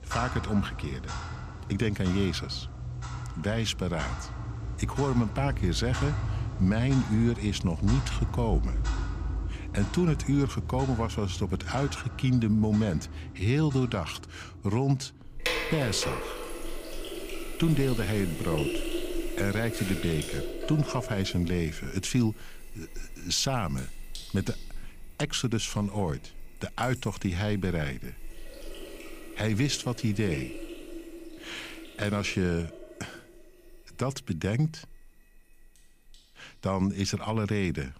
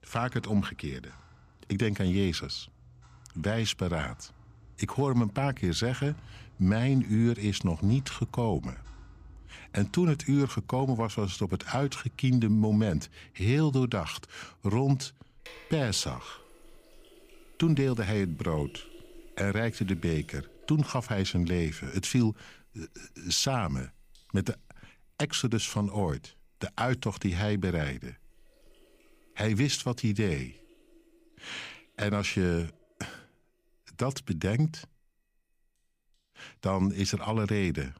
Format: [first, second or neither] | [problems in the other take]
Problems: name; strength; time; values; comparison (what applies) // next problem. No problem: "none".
second | household noises; loud; throughout; 7 dB below the speech; faint in the second